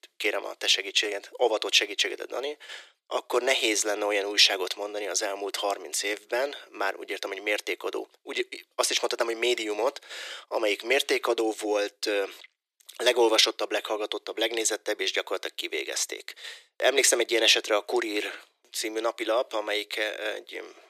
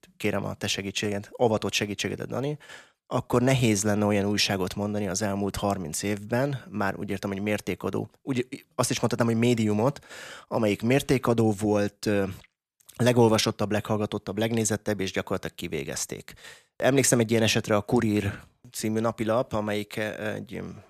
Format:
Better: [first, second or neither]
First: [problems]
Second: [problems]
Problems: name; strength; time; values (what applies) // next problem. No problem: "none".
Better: second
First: thin; very; fading below 350 Hz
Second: none